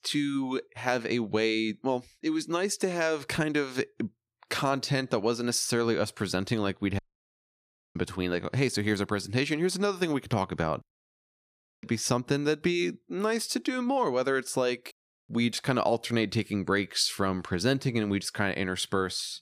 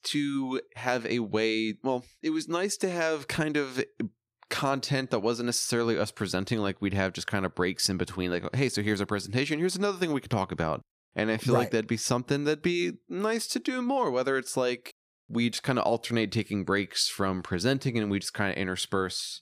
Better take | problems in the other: second | audio cutting out; at 7 s for 1 s and at 11 s for 1 s

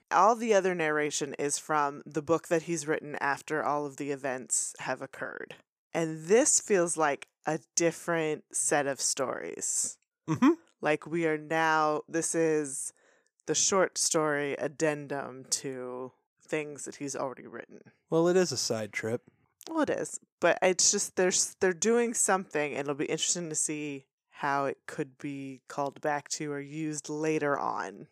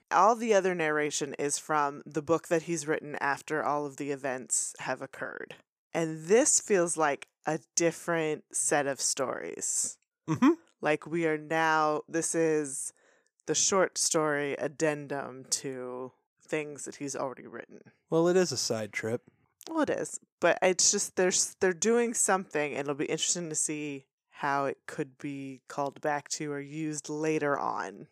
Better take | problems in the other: neither | none

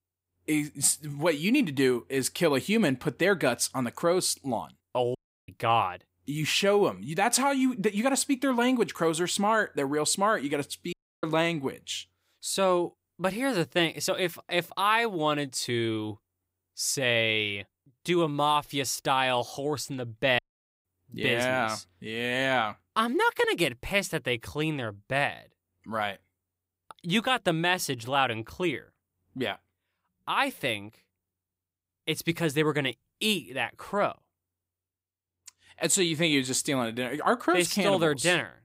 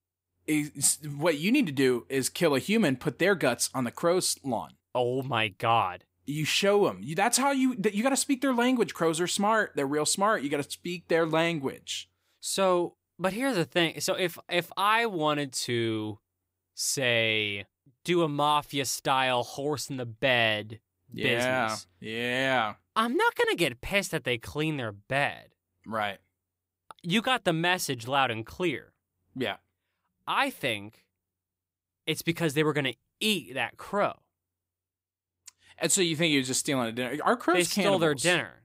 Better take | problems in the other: second | audio cutting out; at 5 s, at 11 s and at 20 s

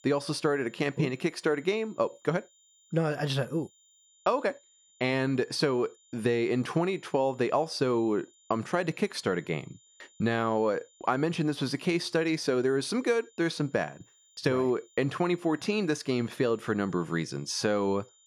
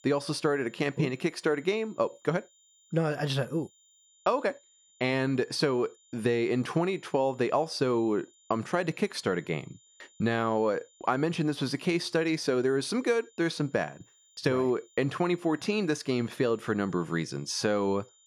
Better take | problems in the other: neither | high-pitched whine; faint; throughout; 7 kHz, 30 dB below the speech; the same in both

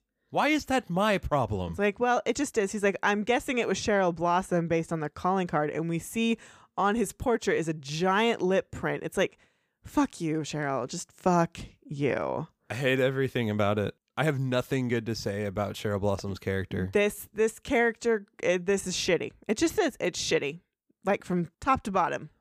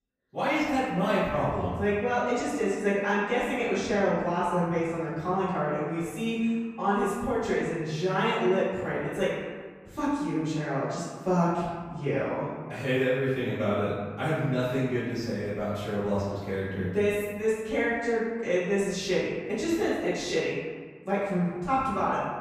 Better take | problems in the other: first | off-mic speech; far // room echo; strong; dies away in 1.4 s

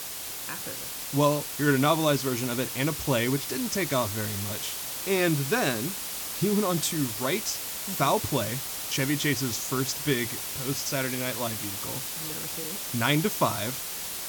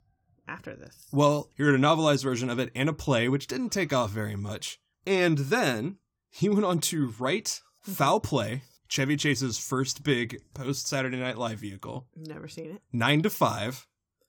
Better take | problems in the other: second | hiss; loud; throughout; 4 dB below the speech

